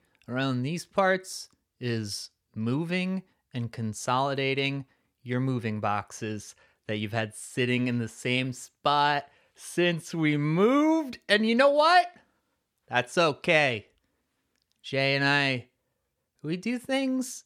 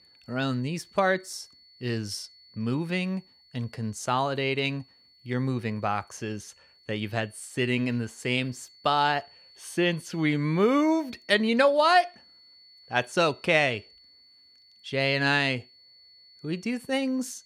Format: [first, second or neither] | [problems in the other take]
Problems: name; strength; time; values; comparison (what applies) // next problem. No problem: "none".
first | high-pitched whine; faint; throughout; 4.5 kHz, 25 dB below the speech